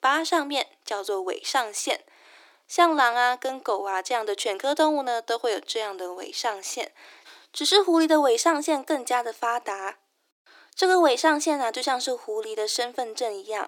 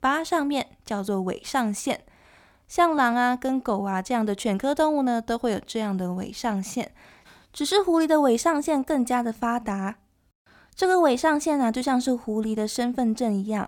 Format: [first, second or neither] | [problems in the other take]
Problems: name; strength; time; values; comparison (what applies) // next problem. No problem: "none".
second | thin; somewhat; fading below 300 Hz